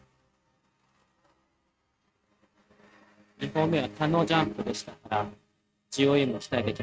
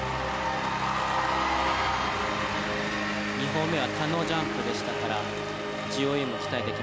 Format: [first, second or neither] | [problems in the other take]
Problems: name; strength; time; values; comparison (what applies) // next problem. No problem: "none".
second | noise reduction (neural mask model RNNoise)